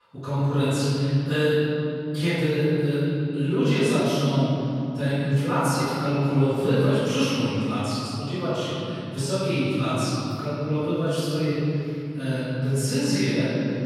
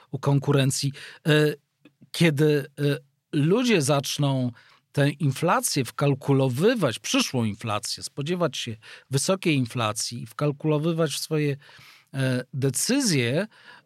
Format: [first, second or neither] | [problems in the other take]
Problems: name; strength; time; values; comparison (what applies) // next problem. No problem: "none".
second | room echo; strong; dies away in 3 s // off-mic speech; far